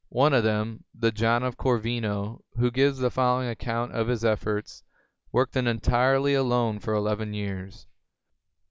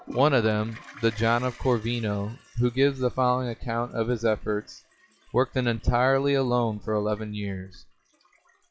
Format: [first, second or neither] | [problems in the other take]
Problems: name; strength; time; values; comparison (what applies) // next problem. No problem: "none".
first | noise reduction (classical method log-MMSE)